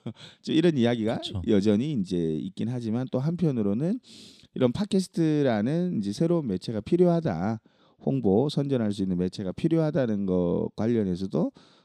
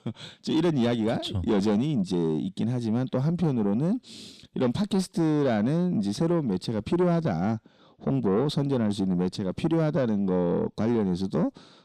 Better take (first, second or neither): first